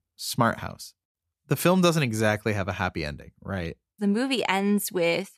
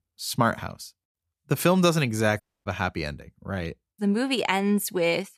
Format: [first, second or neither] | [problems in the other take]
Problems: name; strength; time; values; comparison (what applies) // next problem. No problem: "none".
first | audio cutting out; at 2.5 s